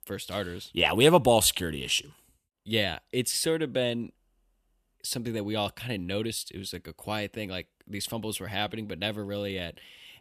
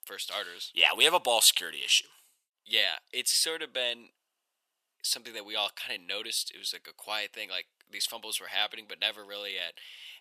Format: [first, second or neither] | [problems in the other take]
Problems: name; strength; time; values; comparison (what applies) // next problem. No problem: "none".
first | thin; very; fading below 800 Hz